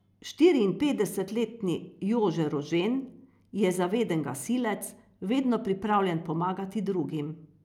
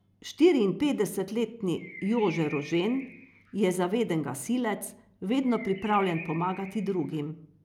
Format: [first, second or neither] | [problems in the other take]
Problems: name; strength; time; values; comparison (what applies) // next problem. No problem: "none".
first | background sound (Bird); 17 dB below the speech